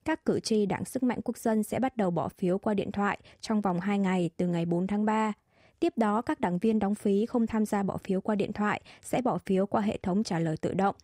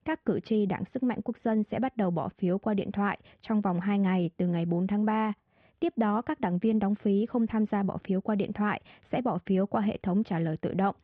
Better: first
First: none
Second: muffled; very; fading above 3.5 kHz

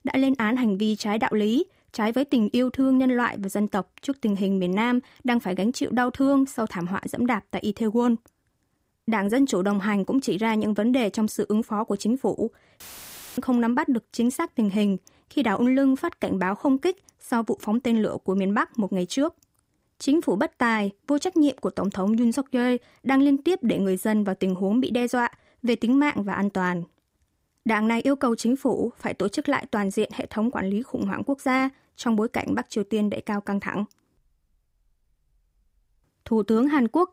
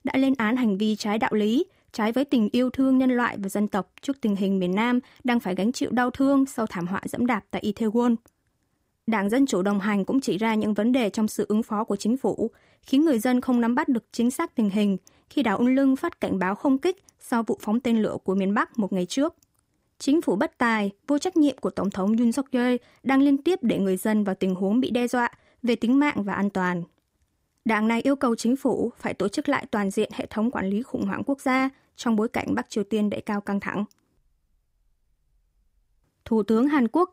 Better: second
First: audio cutting out; filled with static; at 13 s for 0.5 s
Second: none

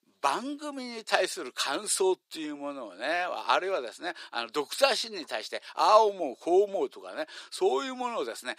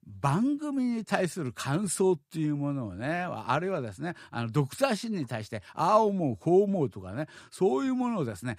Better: second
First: thin; very; fading below 400 Hz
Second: none

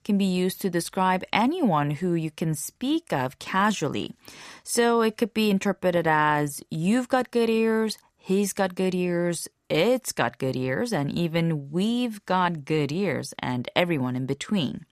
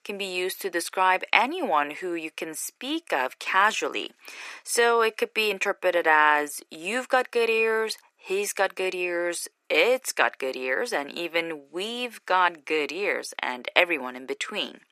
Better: first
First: none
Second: thin; very; fading below 350 Hz

